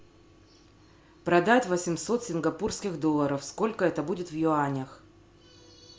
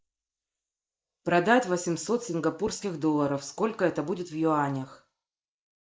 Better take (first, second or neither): first